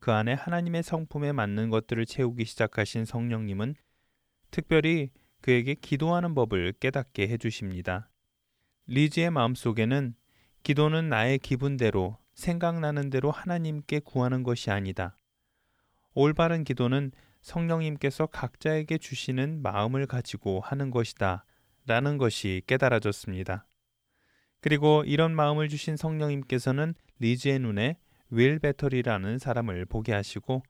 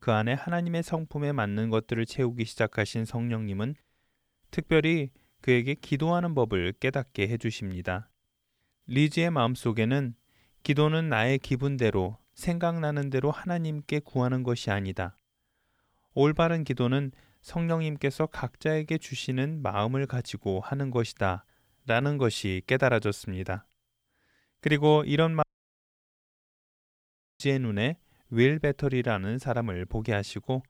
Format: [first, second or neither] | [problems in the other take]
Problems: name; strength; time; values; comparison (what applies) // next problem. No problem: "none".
first | audio cutting out; at 25 s for 2 s